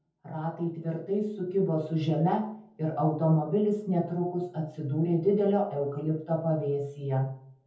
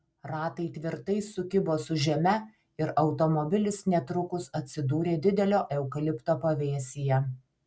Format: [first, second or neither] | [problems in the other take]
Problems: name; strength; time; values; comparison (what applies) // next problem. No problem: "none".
second | room echo; dies away in 0.5 s